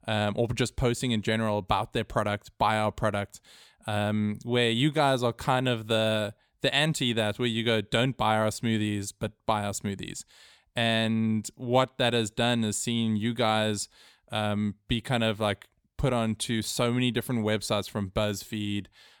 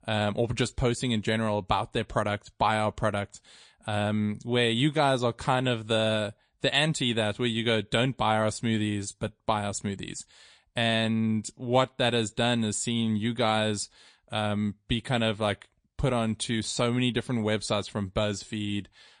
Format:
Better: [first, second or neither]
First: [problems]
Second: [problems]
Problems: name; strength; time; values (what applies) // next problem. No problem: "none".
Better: first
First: none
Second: garbled, watery; slightly; nothing above 9.5 kHz